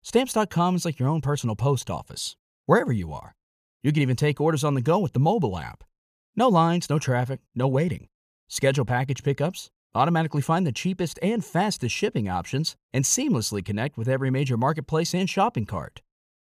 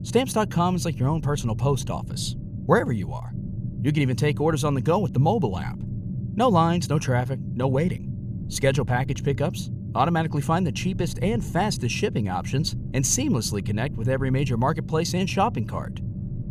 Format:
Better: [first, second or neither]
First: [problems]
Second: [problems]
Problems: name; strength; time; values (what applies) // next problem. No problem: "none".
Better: first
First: none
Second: low rumble; noticeable; throughout; 15 dB below the speech